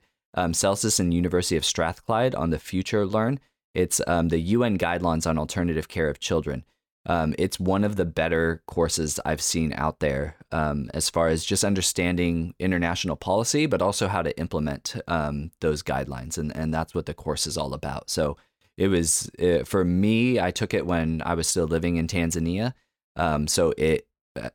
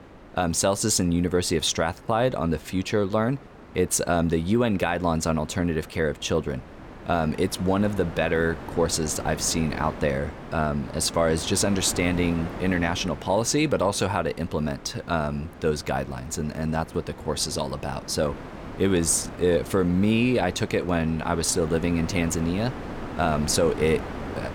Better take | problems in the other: first | wind noise on the microphone; occasional gusts; 15 dB below the speech

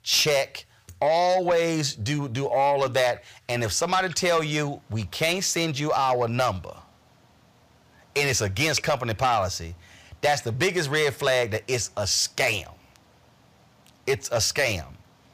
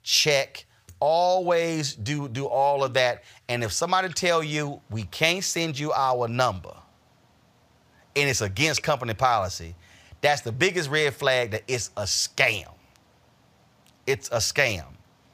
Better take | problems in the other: second | distortion; slight; 10 dB below the speech

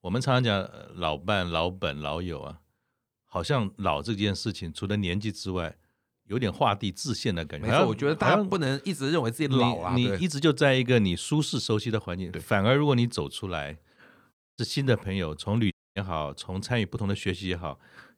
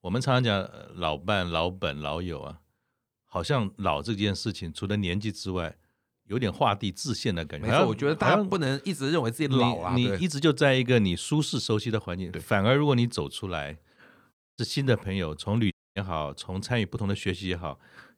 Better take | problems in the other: neither | audio cutting out; at 14 s and at 16 s; the same in both

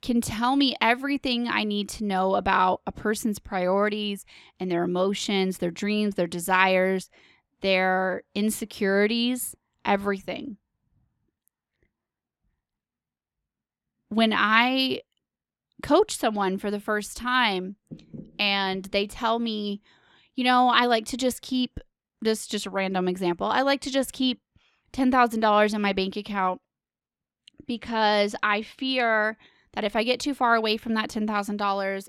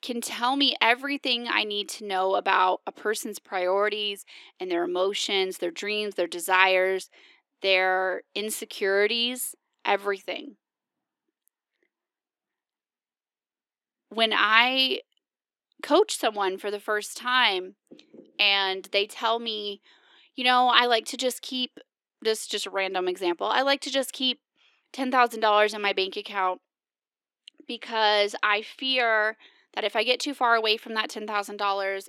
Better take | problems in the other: first | thin; somewhat; fading below 350 Hz

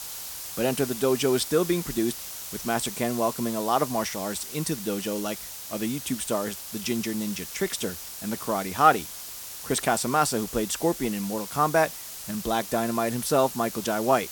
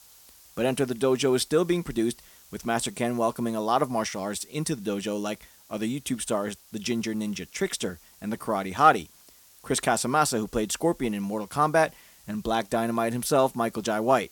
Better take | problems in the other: second | hiss; loud; throughout; 9 dB below the speech; faint in the second

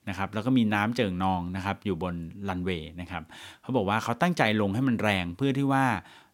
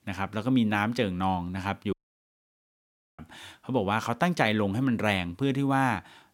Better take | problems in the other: first | audio cutting out; at 2 s for 1.5 s

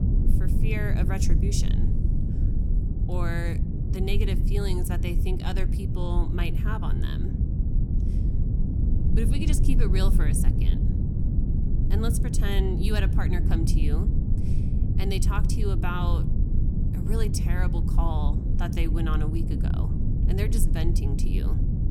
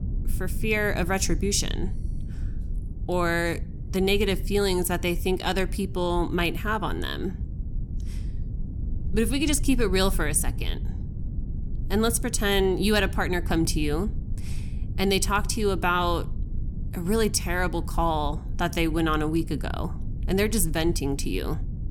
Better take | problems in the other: second | low rumble; loud; throughout; 3 dB below the speech; faint in the second

